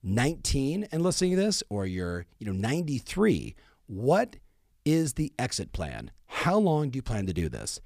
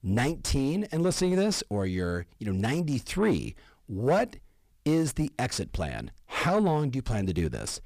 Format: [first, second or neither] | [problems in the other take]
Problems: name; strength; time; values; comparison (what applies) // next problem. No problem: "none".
first | distortion; slight; 10 dB below the speech